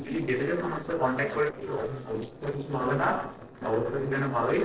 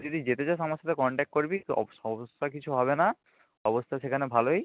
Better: second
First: noise reduction (neural separator model SepFormer DNS4)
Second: none

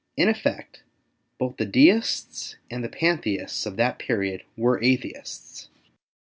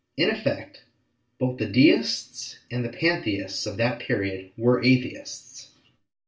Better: first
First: none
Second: room echo; dies away in 0.3 s

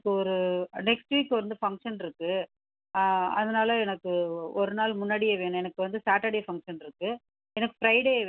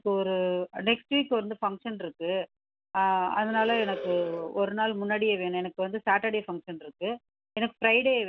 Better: first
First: none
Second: background sound (Animal); 10 dB below the speech

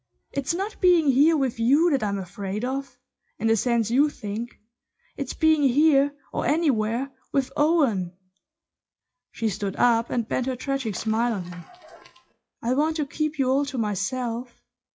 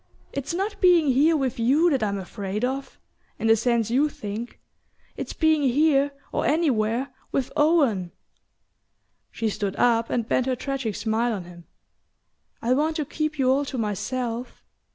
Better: second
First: noise reduction (classical method WPE with log-MMSE)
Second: none

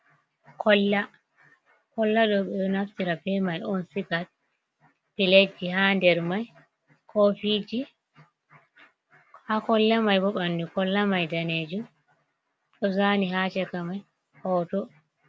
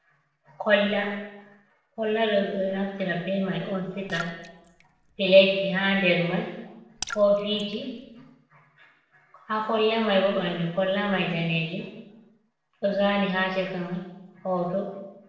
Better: first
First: none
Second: noise reduction (neural separator model SepFormer DNS4)

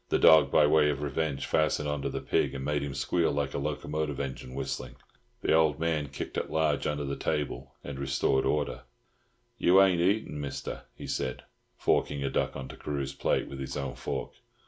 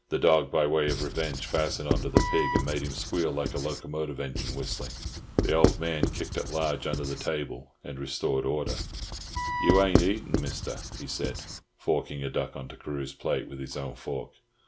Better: first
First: none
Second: background sound (Wind instrument, woodwind instrument + Writing); as loud as the speech

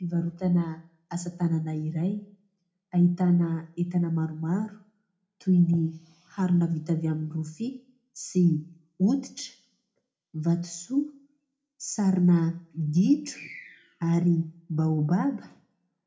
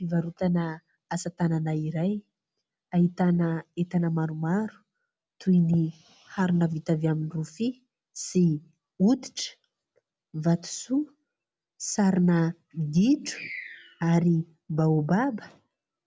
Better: second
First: room echo; dies away in 0.3 s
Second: none

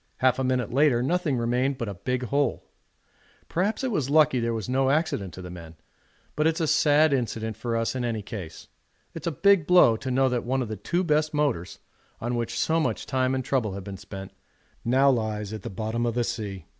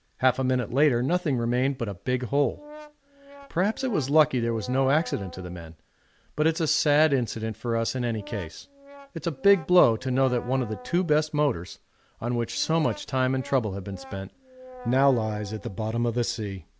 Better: first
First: none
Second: background sound (Brass instrument); 19 dB below the speech

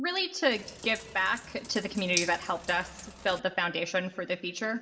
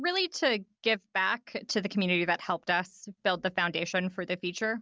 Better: second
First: background sound (Bathtub (filling or washing)); 11 dB below the speech // room echo; dies away in 2.8 s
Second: none

